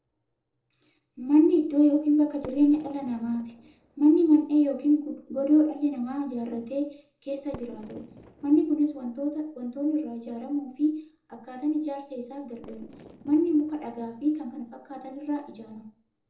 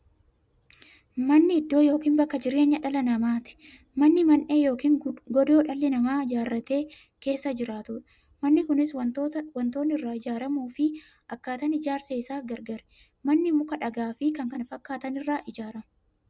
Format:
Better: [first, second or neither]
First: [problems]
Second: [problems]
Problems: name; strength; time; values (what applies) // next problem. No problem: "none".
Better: second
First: noise reduction (neural separator model SepFormer DNS4)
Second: none